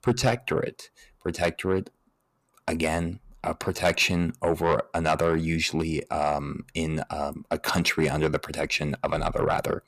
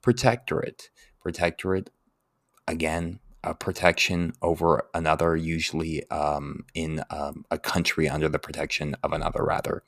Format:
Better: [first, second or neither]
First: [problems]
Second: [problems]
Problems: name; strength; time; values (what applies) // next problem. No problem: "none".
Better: second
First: distortion; slight; 10 dB below the speech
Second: none